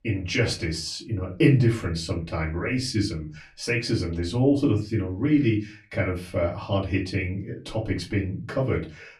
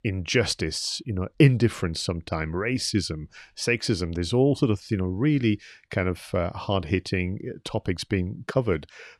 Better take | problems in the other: second | off-mic speech; far // room echo; very slight; dies away in 0.3 s

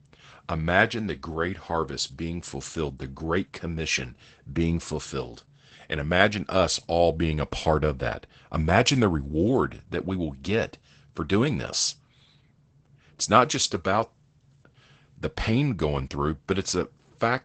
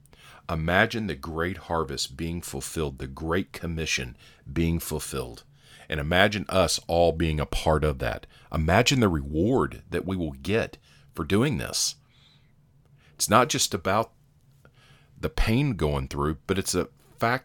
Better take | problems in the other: second | garbled, watery; badly; nothing above 8 kHz

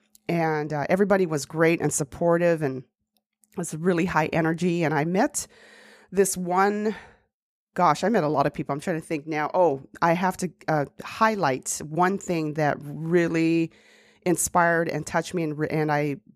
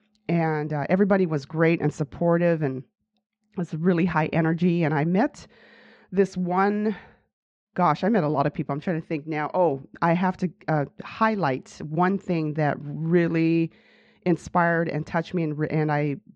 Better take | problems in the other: first | muffled; slightly; fading above 4.5 kHz

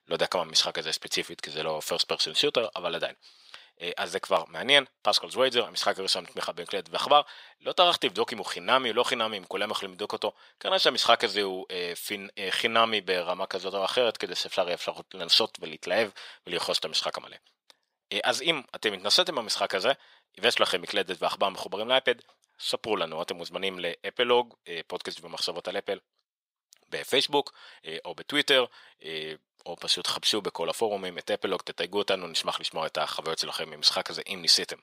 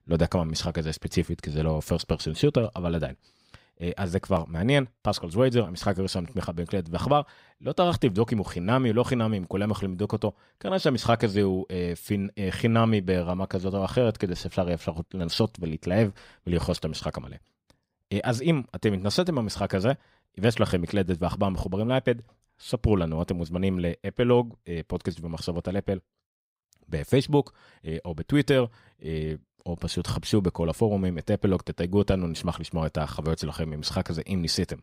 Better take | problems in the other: second | thin; very; fading below 650 Hz

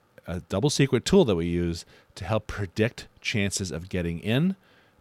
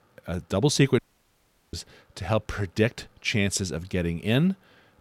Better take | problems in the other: first | audio cutting out; at 1 s for 0.5 s

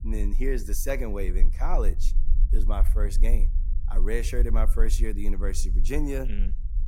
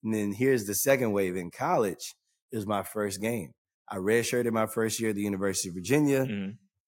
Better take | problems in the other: second | low rumble; noticeable; throughout; 15 dB below the speech

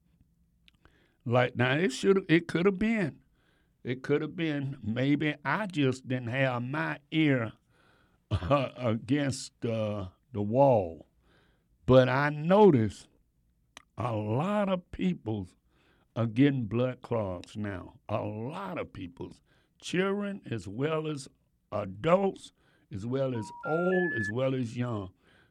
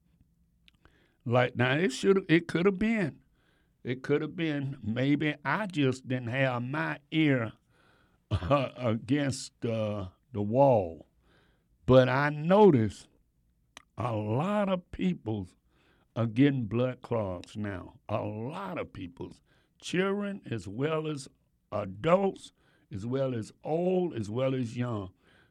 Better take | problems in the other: second | phone ringing; noticeable; at 23 s; peak 3 dB below the speech

